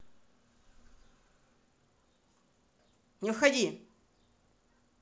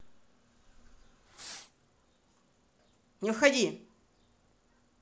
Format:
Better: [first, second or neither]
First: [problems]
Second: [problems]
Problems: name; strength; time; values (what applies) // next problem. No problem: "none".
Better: first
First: none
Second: background sound (Fireworks); 17 dB below the speech